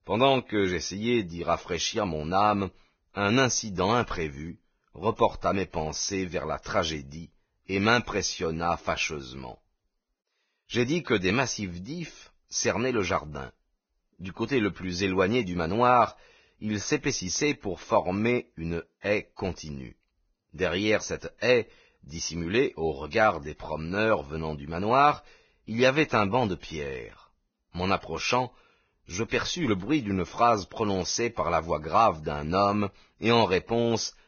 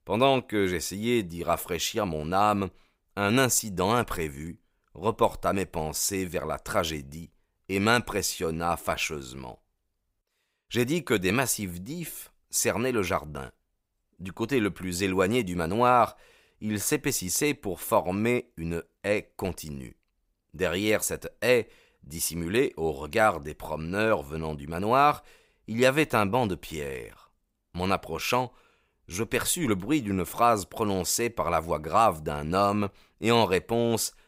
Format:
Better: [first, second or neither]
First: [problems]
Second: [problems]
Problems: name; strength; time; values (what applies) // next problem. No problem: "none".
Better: second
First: garbled, watery; badly; nothing above 6.5 kHz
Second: none